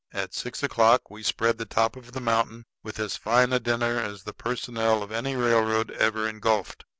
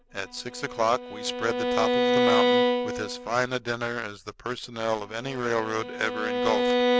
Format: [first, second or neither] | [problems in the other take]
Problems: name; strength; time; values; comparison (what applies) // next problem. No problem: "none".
first | background sound (Bowed string instrument); 3 dB above the speech